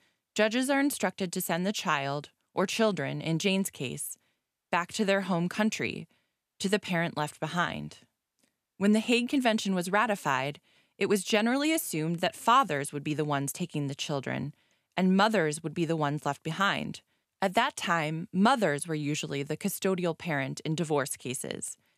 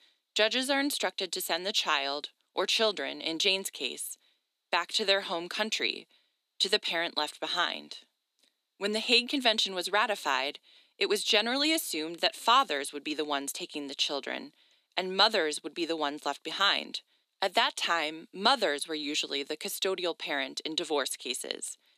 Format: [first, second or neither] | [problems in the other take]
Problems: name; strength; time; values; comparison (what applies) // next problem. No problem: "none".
first | thin; somewhat; fading below 300 Hz